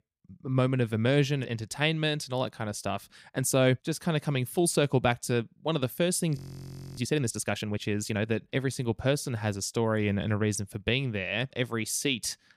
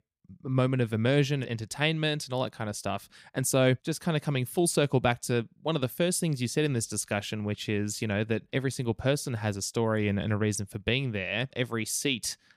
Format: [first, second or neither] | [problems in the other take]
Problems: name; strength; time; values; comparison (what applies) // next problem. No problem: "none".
second | audio freezing; at 6.5 s for 0.5 s